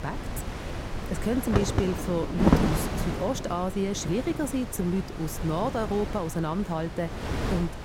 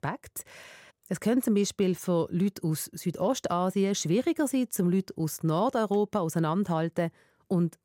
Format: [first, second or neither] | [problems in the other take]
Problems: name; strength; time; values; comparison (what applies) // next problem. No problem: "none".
second | wind noise on the microphone; heavy; 2 dB below the speech